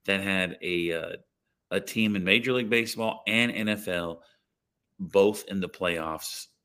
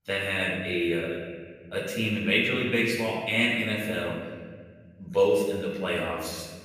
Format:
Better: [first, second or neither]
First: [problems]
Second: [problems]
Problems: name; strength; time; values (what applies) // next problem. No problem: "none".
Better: first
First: none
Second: off-mic speech; far // room echo; noticeable; dies away in 1.7 s